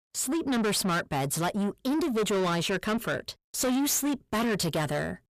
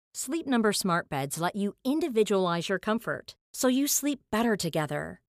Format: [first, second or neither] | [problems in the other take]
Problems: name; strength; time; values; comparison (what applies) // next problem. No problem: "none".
second | distortion; heavy; 7 dB below the speech